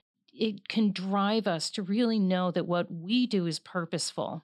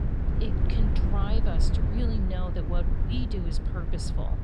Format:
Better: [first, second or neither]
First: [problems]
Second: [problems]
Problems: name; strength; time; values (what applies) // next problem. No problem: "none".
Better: first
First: none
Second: low rumble; loud; throughout; 1 dB below the speech